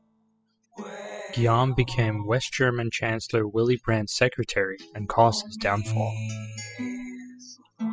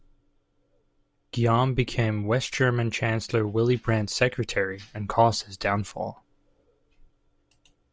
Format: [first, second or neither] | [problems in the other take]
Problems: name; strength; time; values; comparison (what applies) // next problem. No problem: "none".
second | noise reduction (classical method spectral subtraction)